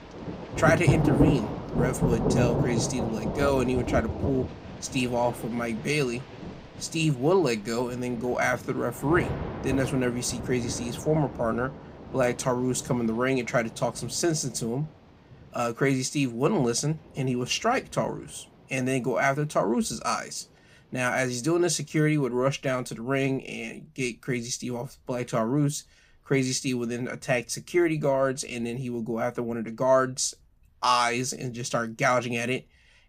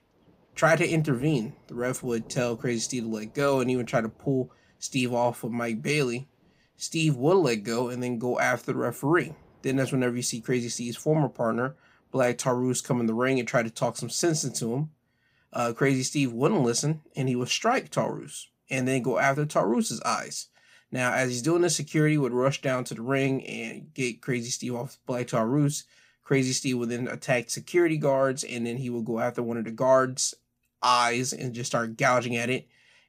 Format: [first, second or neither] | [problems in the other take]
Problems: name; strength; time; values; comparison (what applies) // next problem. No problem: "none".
second | rain or running water; loud; throughout; 4 dB below the speech; faint in the second